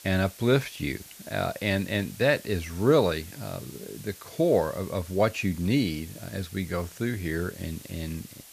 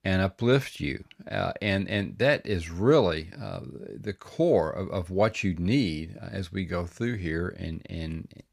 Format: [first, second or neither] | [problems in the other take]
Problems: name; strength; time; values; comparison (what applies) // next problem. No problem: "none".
second | hiss; noticeable; throughout; 15 dB below the speech